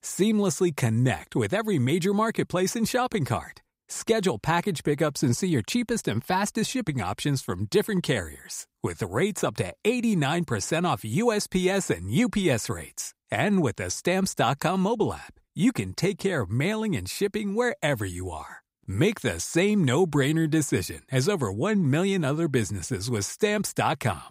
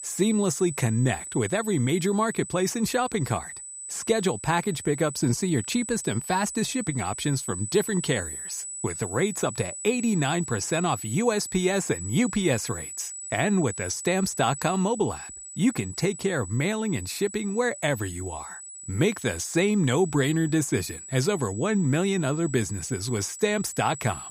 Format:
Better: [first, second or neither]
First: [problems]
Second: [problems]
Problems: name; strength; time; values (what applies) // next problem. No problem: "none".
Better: first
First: none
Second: high-pitched whine; loud; throughout; 8 kHz, 10 dB below the speech